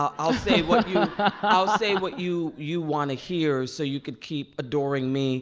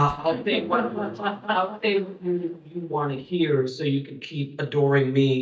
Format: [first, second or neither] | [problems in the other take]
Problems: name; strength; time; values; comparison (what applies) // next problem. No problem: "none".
first | noise reduction (neural mask model DeepFilterNet 3)